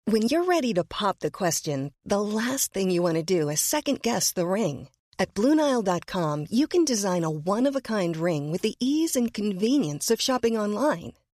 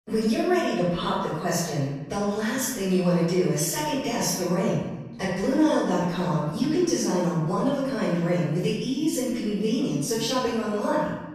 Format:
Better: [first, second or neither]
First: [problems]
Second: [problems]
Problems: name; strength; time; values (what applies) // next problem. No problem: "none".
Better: first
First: none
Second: off-mic speech; far // room echo; strong; dies away in 1.1 s